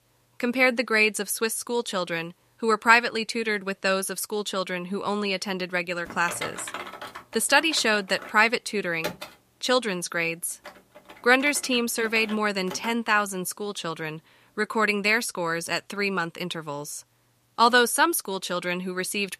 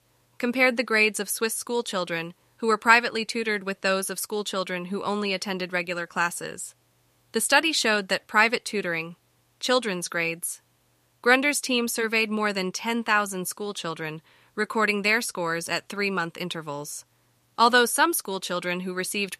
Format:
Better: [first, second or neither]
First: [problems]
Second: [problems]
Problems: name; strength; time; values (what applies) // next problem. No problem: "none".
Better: second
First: keyboard typing; noticeable; from 6 to 13 s; peak 9 dB below the speech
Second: none